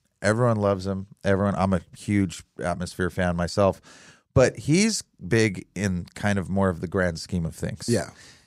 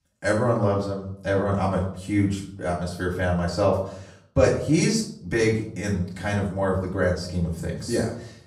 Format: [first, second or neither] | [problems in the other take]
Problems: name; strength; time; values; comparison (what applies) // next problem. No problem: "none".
first | off-mic speech; far // room echo; slight; dies away in 0.5 s